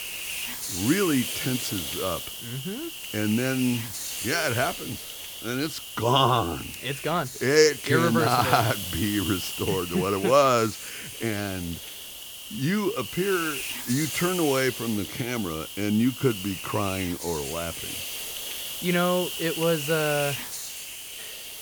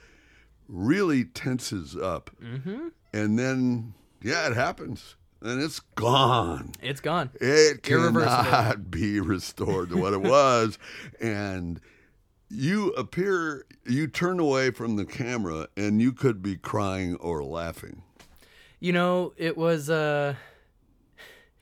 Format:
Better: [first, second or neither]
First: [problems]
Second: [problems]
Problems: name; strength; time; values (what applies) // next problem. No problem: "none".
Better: second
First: hiss; loud; throughout; 6 dB below the speech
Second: none